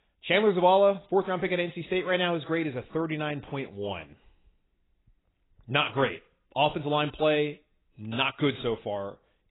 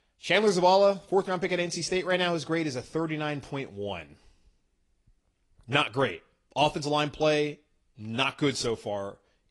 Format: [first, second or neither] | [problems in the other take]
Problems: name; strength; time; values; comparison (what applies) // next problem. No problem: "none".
second | garbled, watery; badly; nothing above 4 kHz; slightly in the second